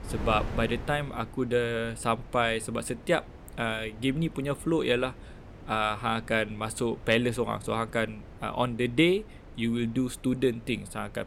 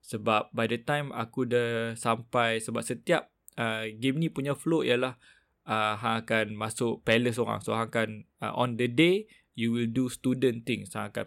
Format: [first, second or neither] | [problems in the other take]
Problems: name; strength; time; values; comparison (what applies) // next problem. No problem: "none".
second | wind noise on the microphone; occasional gusts; 20 dB below the speech